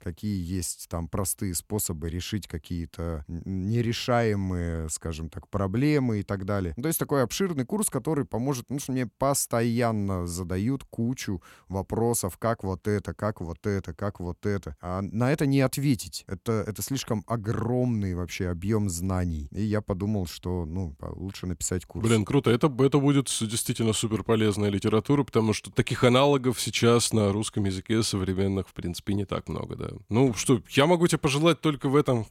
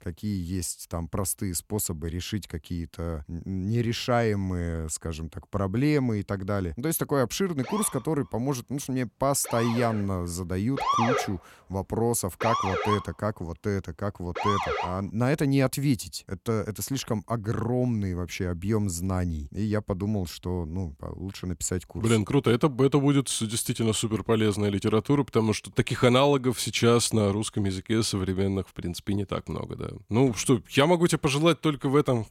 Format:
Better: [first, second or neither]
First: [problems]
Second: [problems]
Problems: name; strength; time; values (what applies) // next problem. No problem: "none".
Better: first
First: none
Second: siren; loud; from 7.5 to 15 s; peak 2 dB above the speech